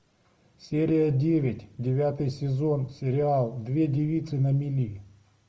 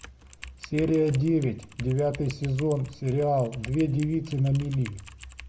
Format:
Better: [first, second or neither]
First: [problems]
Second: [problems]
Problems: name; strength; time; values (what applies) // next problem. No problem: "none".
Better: first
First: none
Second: background sound (Typing); 17 dB below the speech